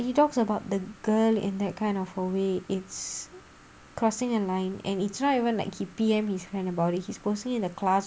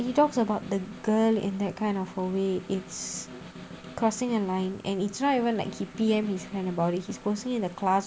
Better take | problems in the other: first | background sound (Snare drum); 18 dB below the speech

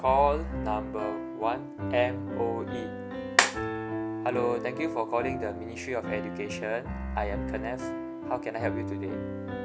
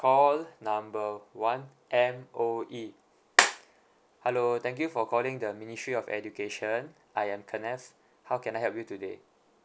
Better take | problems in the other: second | background sound (Piano); 3 dB below the speech

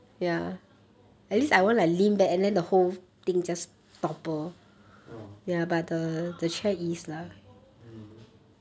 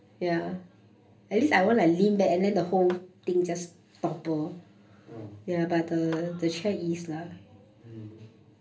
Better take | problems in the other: first | background sound (Tap / Hammer); 19 dB below the speech // room echo; dies away in 0.3 s

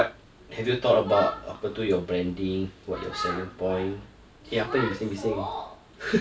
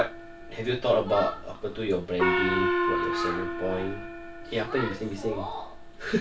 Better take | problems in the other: first | background sound (Gong); 2 dB below the speech

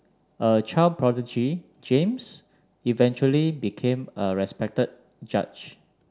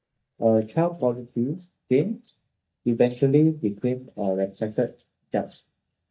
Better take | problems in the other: first | noise reduction (neural mask model DeepFilterNet 3)

